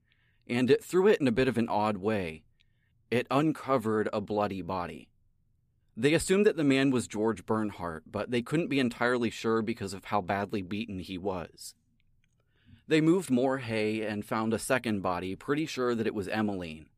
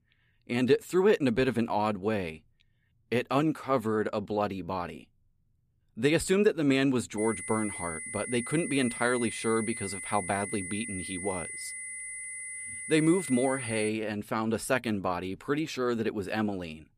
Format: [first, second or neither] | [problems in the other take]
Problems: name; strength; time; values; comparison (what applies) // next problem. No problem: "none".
first | high-pitched whine; loud; from 7 to 14 s; 2 kHz, 7 dB below the speech